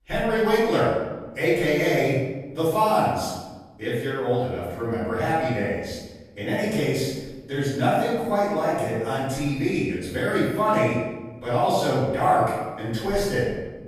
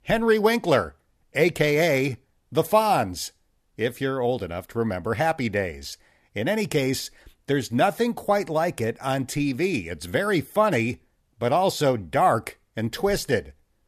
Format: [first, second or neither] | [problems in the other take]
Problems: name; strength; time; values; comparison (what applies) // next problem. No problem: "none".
second | off-mic speech; far // room echo; strong; dies away in 1.1 s